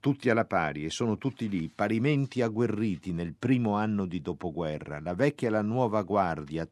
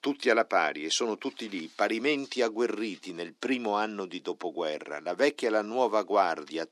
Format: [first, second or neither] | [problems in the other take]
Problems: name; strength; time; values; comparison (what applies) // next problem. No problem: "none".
first | thin; somewhat; fading below 300 Hz